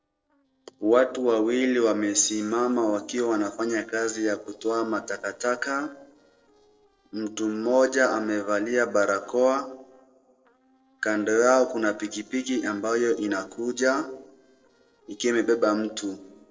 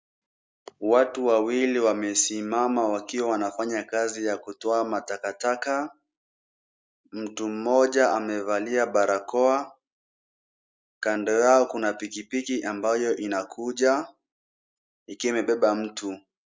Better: second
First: noise reduction (neural separator model SepFormer DNS4)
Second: none

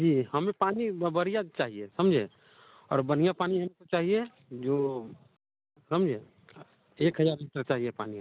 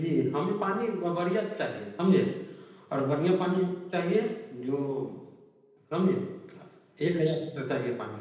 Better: first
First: none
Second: room echo; dies away in 0.9 s

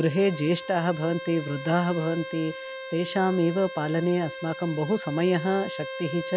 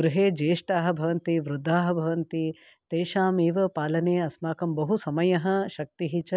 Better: second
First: background sound (Bowed string instrument); 11 dB below the speech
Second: none

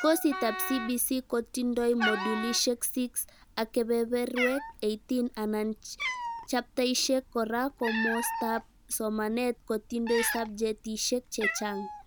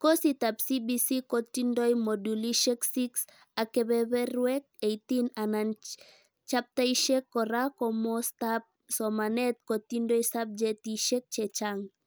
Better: second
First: background sound (Wind instrument, woodwind instrument + Cat); 8 dB below the speech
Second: none

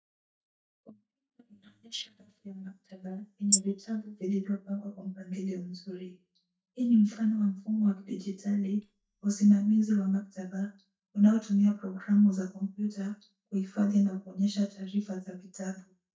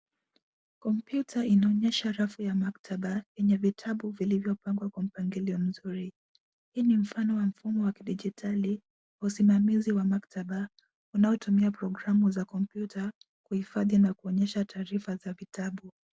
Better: second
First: noise reduction (neural mask model DeepFilterNet 3)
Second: none

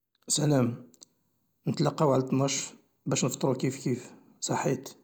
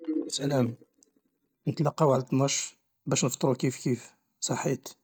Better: first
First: none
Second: noise reduction (neural mask model DeepFilterNet 3)

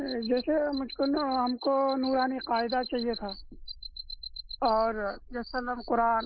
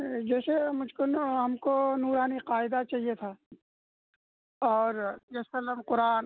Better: second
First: noise reduction (neural mask model Resemble Enhance denoiser)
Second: none

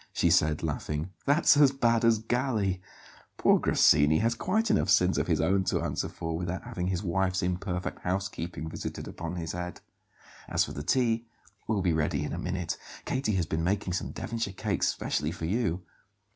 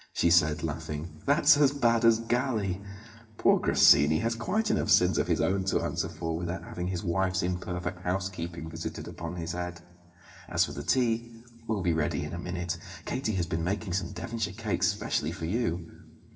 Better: first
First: none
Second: room echo; dies away in 1.7 s

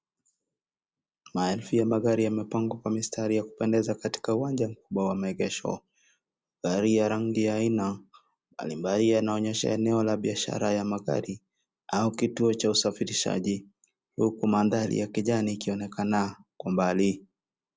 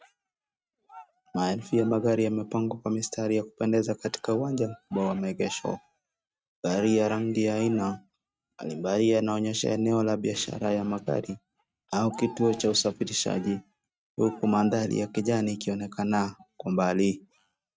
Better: first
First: none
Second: noise reduction (neural mask model RNNoise)

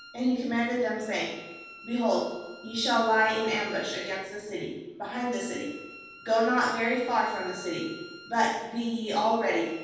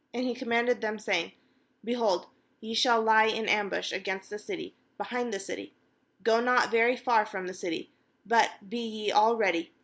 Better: second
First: background sound (Bowed string instrument); 19 dB below the speech // room echo; dies away in 1.2 s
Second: none

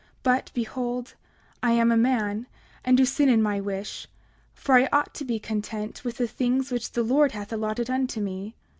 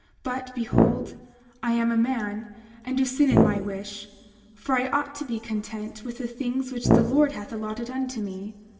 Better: first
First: none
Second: background sound (Brass instrument); 4 dB above the speech // room echo; dies away in 1.9 s

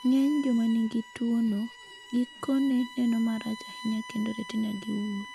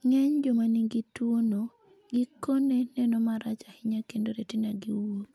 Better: second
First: background sound (Bowed string instrument); 17 dB below the speech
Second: none

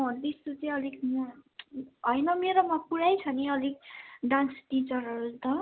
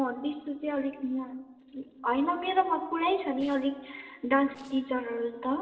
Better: first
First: none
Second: noise reduction (neural separator model SepFormer DNS4)

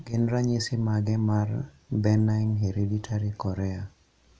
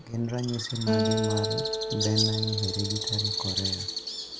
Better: first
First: none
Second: background sound (Acoustic guitar + Bird); 1 dB above the speech

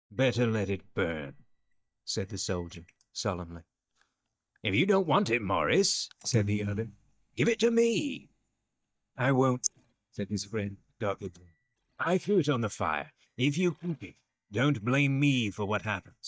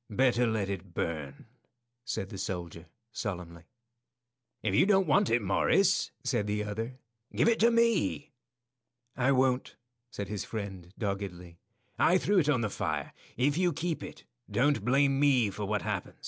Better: second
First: noise reduction (neural mask model DeepFilterNet 3)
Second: none

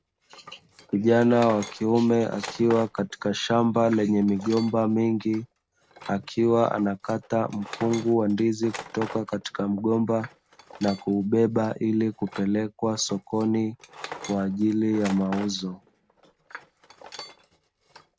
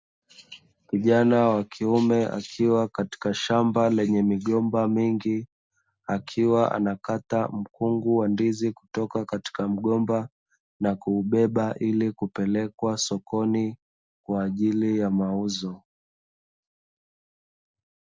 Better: second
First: background sound (Tools); 18 dB below the speech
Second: none

